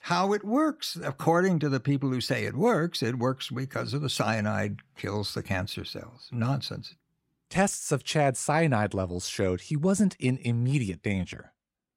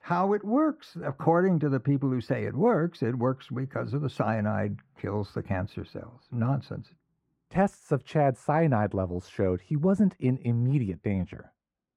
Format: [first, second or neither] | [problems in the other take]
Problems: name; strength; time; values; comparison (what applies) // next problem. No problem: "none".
first | muffled; very; fading above 2.5 kHz